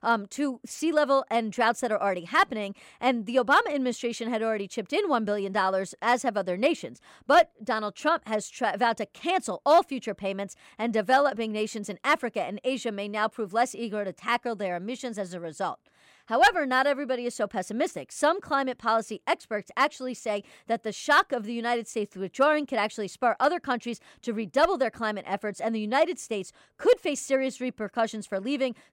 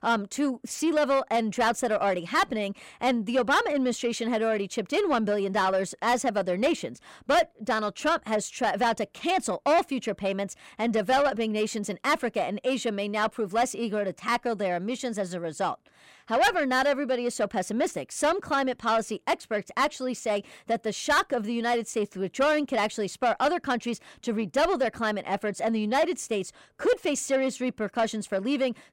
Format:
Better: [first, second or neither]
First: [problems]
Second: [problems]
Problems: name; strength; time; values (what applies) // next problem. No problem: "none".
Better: first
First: none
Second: distortion; slight; 10 dB below the speech